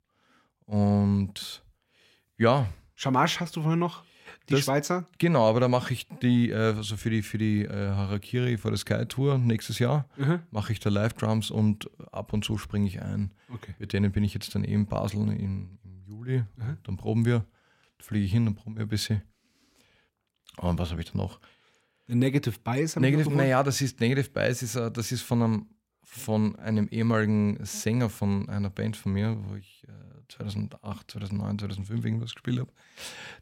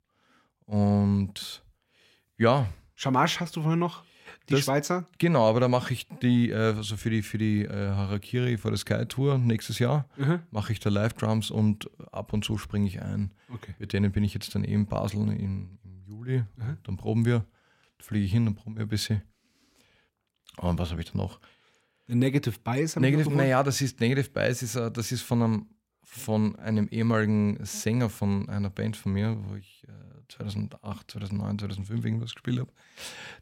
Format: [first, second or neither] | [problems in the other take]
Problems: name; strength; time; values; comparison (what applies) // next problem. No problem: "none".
neither | none